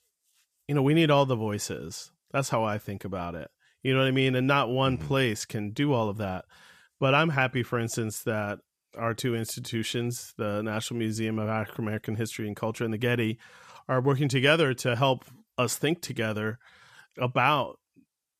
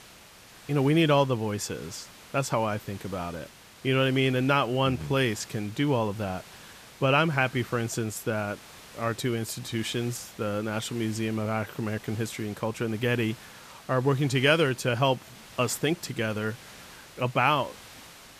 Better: first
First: none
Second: hiss; noticeable; throughout; 20 dB below the speech

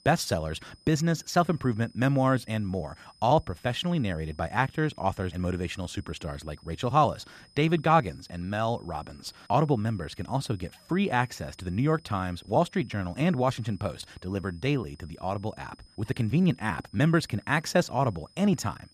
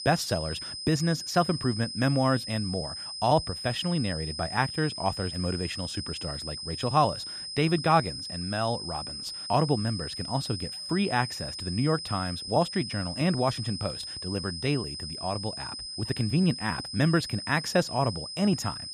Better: first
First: high-pitched whine; faint; throughout; 5 kHz, 30 dB below the speech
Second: high-pitched whine; loud; throughout; 5 kHz, 6 dB below the speech

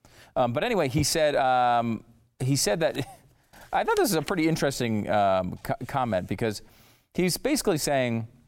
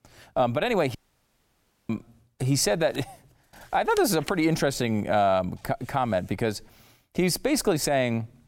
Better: first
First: none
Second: audio cutting out; at 1 s for 1 s

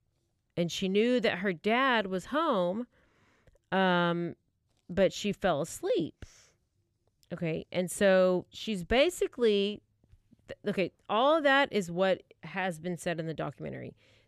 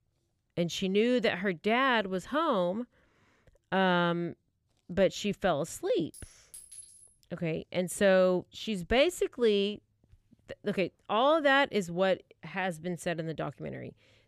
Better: first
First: none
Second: clattering dishes; faint; at 6 s; peak 15 dB below the speech

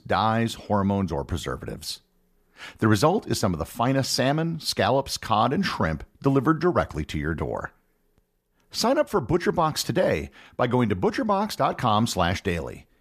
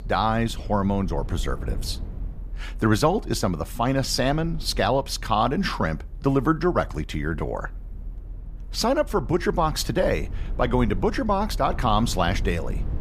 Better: first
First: none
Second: low rumble; faint; throughout; 25 dB below the speech

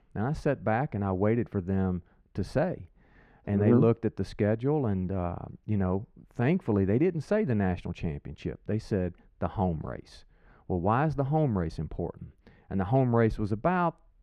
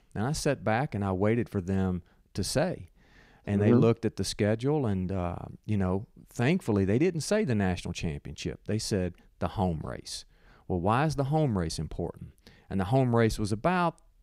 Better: second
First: muffled; very; fading above 3.5 kHz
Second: none

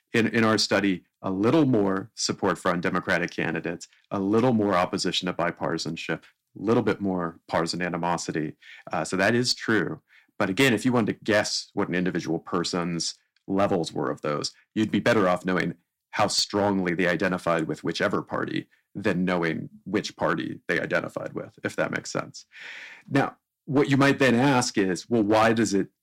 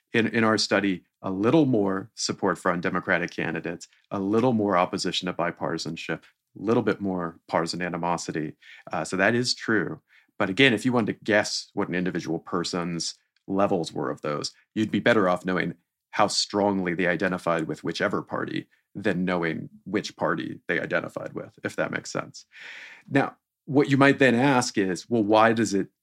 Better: second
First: distortion; slight; 2% of the sound clipped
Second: none

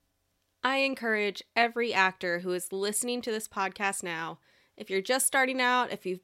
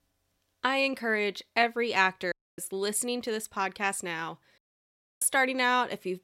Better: first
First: none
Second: audio cutting out; at 2.5 s and at 4.5 s for 0.5 s

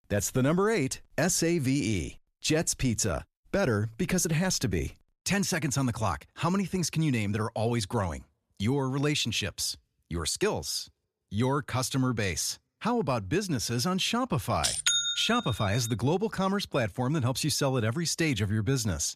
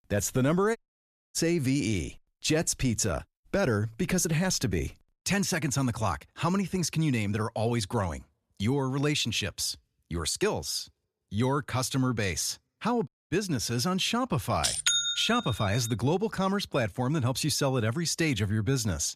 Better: first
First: none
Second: audio cutting out; at 1 s for 0.5 s and at 13 s

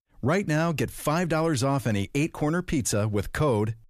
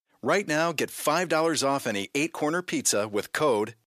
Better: first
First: none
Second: thin; somewhat; fading below 350 Hz

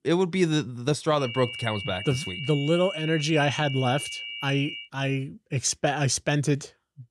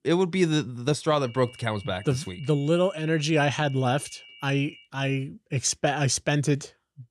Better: second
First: high-pitched whine; loud; from 1 to 5 s; 3 kHz, 8 dB below the speech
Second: high-pitched whine; faint; from 1 to 5 s; 3 kHz, 20 dB below the speech

